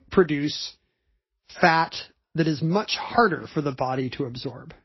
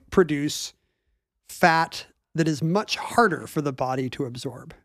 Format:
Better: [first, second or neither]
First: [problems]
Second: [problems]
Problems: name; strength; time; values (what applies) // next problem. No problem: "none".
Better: second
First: garbled, watery; slightly; nothing above 5.5 kHz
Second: none